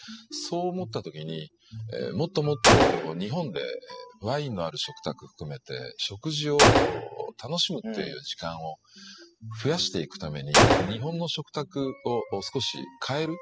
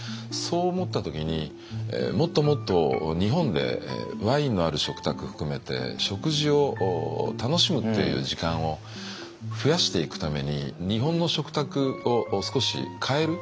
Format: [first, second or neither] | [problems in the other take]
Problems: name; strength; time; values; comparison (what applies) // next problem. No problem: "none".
second | noise reduction (classical method spectral subtraction)